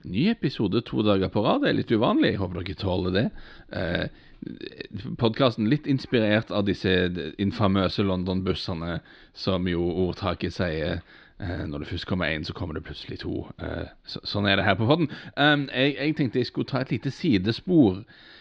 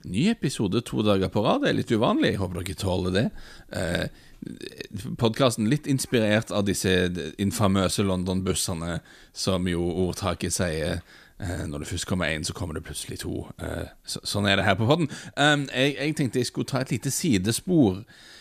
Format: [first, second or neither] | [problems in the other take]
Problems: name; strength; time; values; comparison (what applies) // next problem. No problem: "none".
second | muffled; very slightly; fading above 4.5 kHz